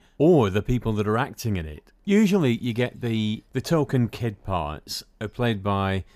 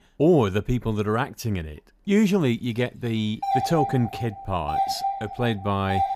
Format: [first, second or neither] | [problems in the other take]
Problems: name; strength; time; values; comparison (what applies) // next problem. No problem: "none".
first | doorbell; loud; from 3.5 s on; peak level with the speech